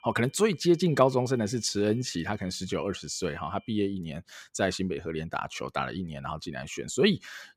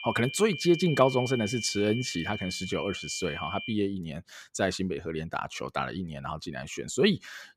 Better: first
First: high-pitched whine; faint; until 3.5 s; 2.5 kHz, 30 dB below the speech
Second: high-pitched whine; loud; until 3.5 s; 2.5 kHz, 8 dB below the speech

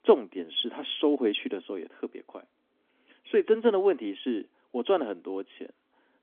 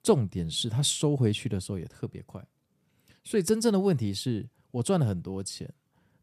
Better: second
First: phone-call audio; nothing above 3.5 kHz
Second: none

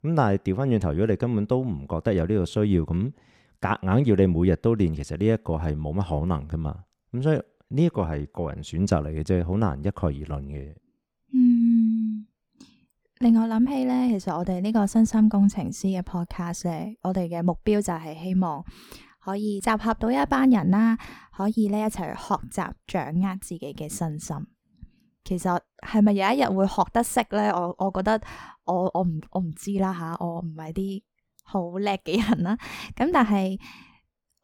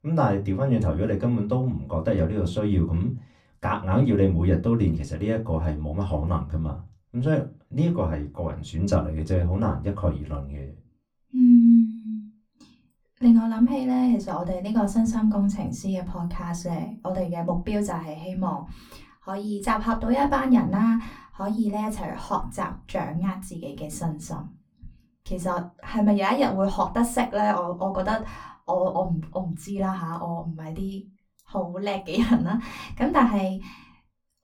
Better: first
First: none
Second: off-mic speech; far // room echo; very slight; dies away in 0.2 s

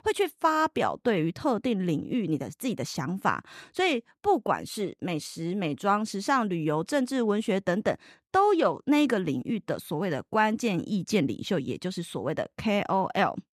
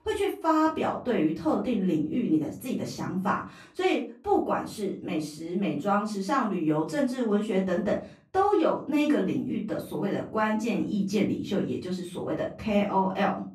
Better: first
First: none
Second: off-mic speech; far // room echo; slight; dies away in 0.3 s

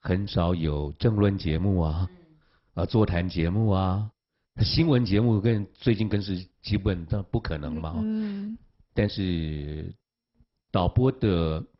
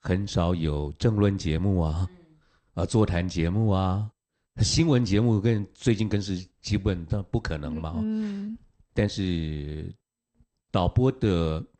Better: second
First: garbled, watery; badly; nothing above 5.5 kHz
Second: garbled, watery; slightly; nothing above 8.5 kHz

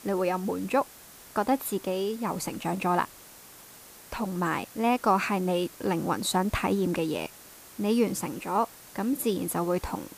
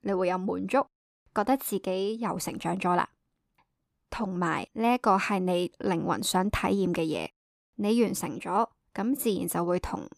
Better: second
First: hiss; noticeable; throughout; 20 dB below the speech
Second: none

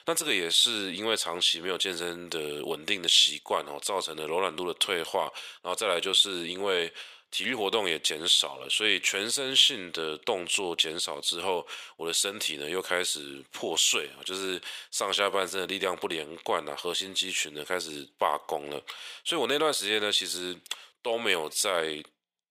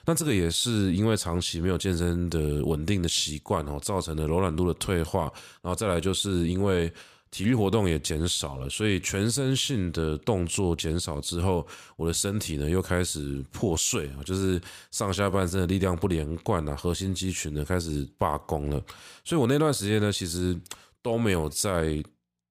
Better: second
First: thin; very; fading below 550 Hz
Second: none

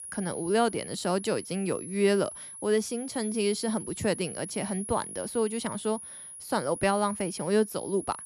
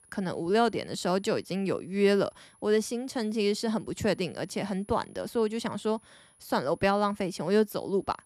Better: second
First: high-pitched whine; loud; throughout; 10.5 kHz, 10 dB below the speech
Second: high-pitched whine; faint; throughout; 10.5 kHz, 30 dB below the speech

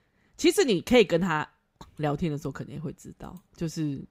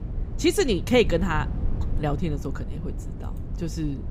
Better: first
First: none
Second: low rumble; noticeable; throughout; 20 dB below the speech

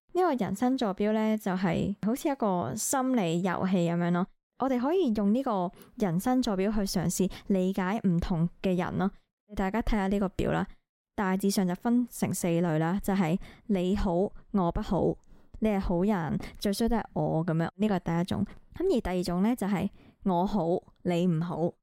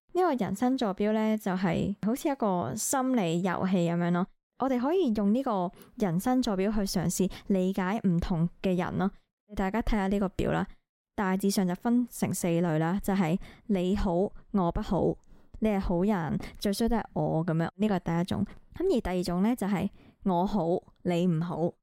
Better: neither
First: none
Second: none

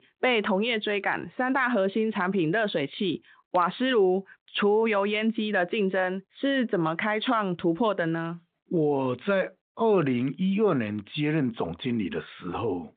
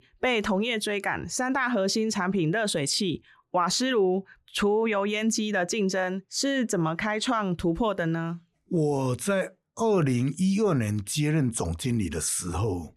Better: second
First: phone-call audio; nothing above 3.5 kHz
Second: none

